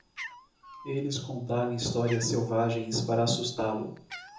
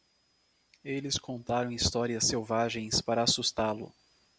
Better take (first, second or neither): second